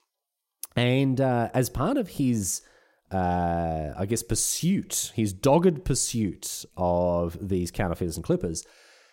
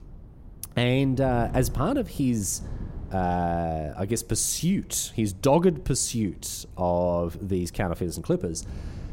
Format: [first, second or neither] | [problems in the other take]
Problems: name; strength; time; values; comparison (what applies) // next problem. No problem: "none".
first | wind noise on the microphone; occasional gusts; 25 dB below the speech